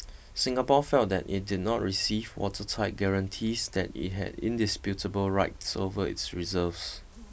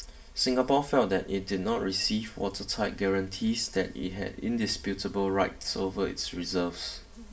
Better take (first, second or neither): first